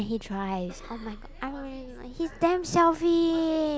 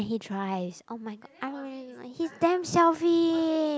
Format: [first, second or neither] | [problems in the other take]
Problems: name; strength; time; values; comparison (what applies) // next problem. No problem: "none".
second | background sound (Bus); 18 dB below the speech